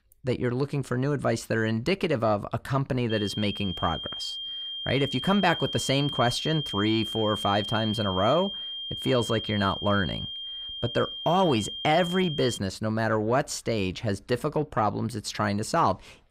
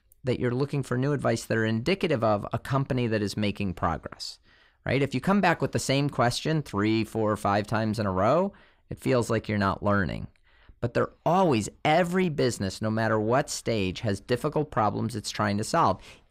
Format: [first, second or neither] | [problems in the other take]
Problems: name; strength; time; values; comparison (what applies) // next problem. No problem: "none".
second | high-pitched whine; loud; from 3 to 13 s; 3 kHz, 6 dB below the speech